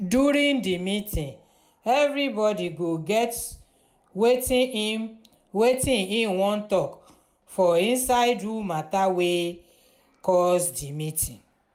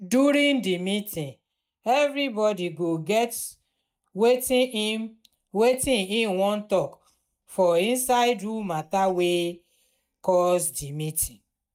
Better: first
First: none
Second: noise reduction (neural mask model DeepFilterNet 3)

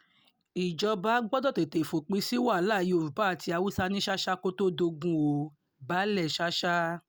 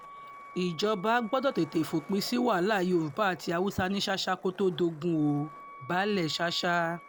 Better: first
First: none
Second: background sound (Wind instrument, woodwind instrument + Skateboard); 20 dB below the speech

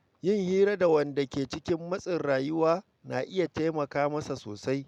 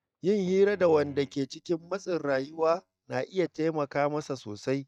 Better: first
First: none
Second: noise reduction (neural mask model DeepFilterNet 3)

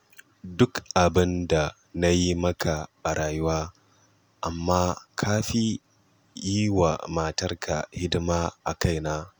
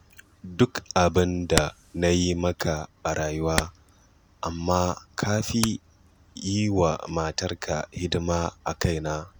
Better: first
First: none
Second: background sound (Hammer); 12 dB below the speech

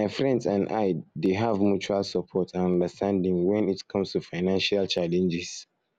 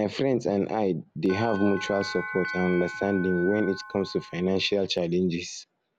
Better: first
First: none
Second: background sound (Bell); 10 dB below the speech

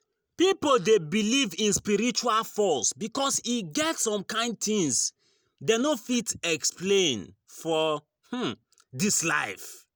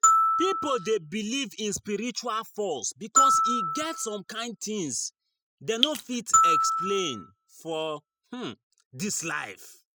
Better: first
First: none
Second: noise reduction (classical method spectral subtraction)

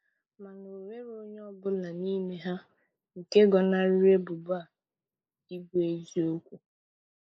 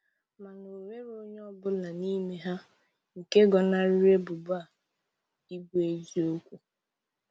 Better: second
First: noise reduction (neural mask model Resemble Enhance denoiser)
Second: none

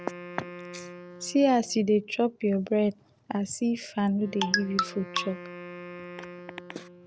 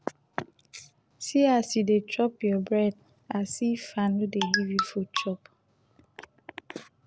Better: second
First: background sound (Wind instrument, woodwind instrument); 16 dB below the speech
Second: none

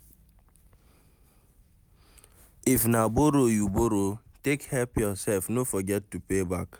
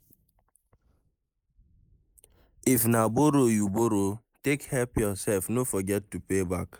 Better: first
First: none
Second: noise reduction (neural mask model Resemble Enhance denoiser)

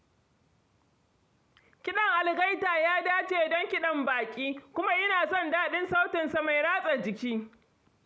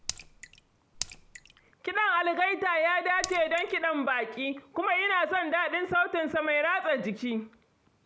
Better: first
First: none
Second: background sound (Raindrop / Splash, splatter); 13 dB below the speech

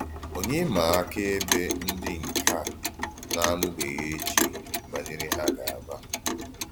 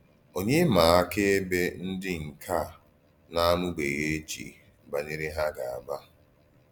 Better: second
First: background sound (Clock); 1 dB above the speech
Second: none

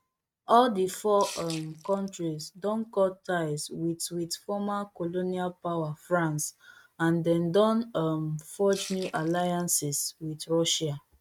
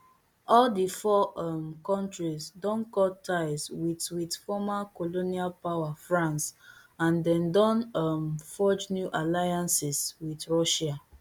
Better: second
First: noise reduction (neural mask model RNNoise)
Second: none

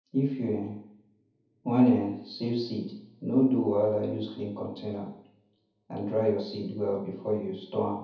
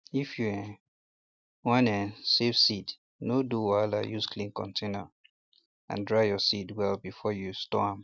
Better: second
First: room echo; dies away in 0.7 s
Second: none

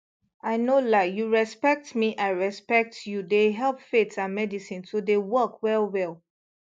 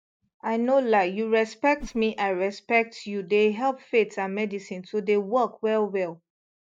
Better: first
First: none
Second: noise reduction (neural mask model RNNoise)

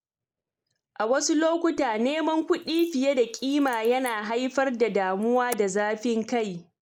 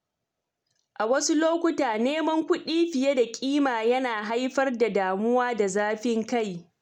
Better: second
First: noise reduction (neural mask model Resemble Enhance denoiser)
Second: none

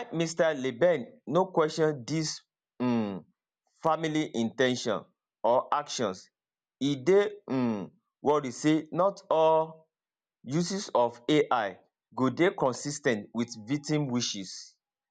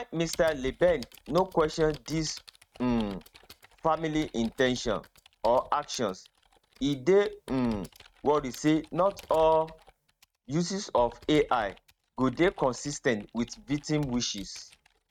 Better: first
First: none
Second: noise reduction (neural mask model RNNoise)

